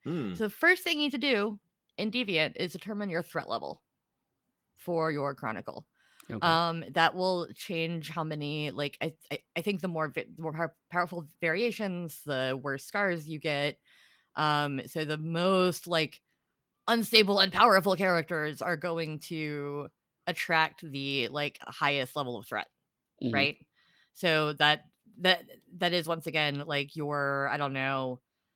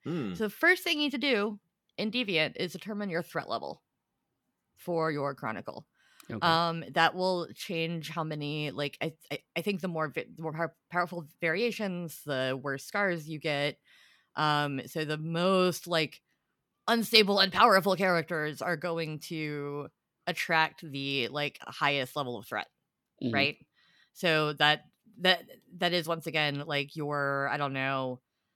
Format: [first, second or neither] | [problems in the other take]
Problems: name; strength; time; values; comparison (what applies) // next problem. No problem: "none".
second | garbled, watery; slightly; nothing above 15.5 kHz